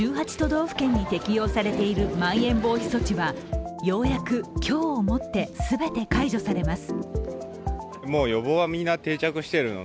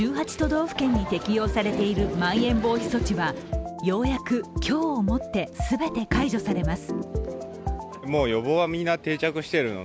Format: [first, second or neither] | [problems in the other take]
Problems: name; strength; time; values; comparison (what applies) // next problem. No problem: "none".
second | background sound (Snare drum + Drum); 20 dB below the speech